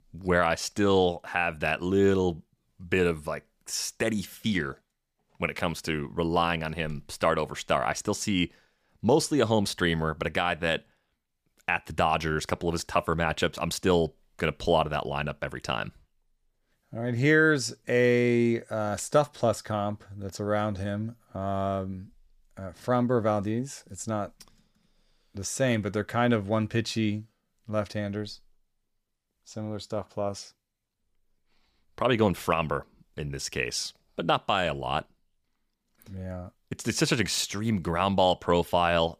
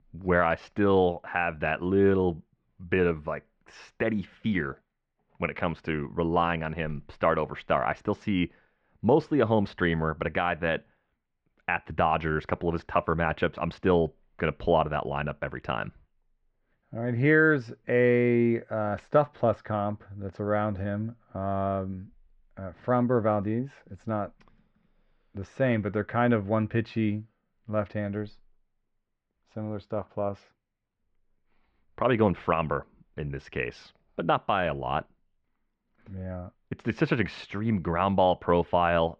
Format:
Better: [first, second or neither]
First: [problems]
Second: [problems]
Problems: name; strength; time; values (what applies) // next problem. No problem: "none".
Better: first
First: none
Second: muffled; very; fading above 2.5 kHz